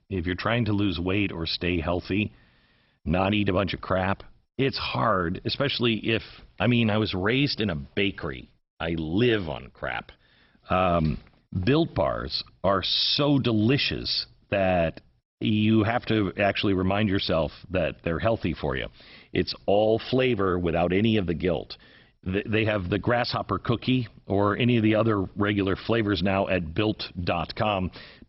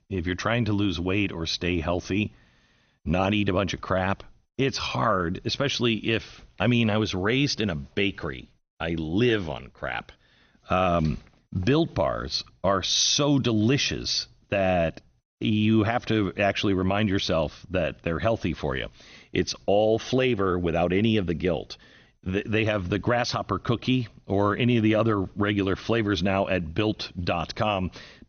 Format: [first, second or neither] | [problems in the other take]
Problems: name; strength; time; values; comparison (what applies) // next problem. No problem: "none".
second | garbled, watery; badly; nothing above 5.5 kHz; slightly in the second